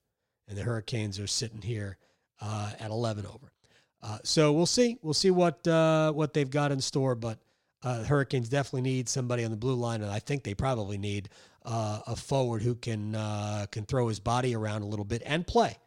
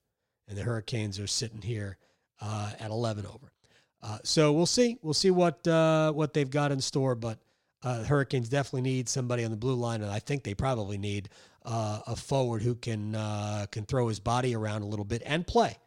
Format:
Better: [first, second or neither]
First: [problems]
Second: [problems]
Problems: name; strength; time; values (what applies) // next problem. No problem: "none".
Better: neither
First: none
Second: none